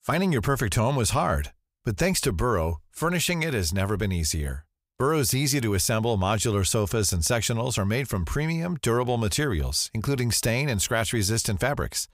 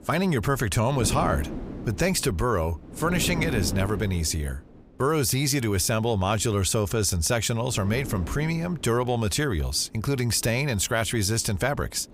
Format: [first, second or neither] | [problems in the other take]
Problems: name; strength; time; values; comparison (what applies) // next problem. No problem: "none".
first | wind noise on the microphone; occasional gusts; 15 dB below the speech